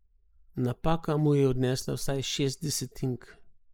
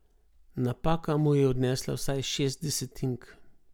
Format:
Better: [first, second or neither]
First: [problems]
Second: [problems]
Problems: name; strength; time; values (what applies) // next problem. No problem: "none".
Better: second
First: noise reduction (neural mask model Resemble Enhance denoiser)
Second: none